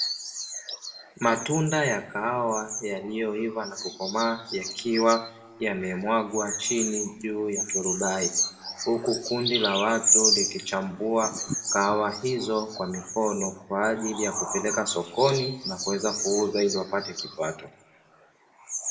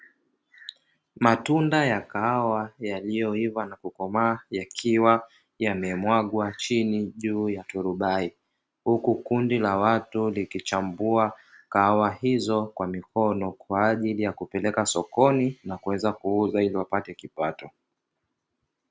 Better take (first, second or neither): second